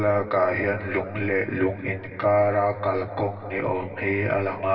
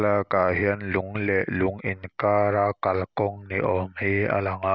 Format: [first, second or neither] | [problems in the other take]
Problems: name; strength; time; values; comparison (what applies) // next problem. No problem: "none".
second | room echo; dies away in 3 s